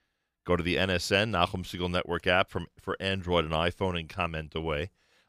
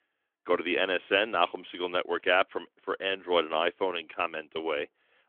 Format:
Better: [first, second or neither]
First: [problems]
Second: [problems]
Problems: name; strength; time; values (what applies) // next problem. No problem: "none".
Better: first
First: none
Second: phone-call audio; nothing above 3.5 kHz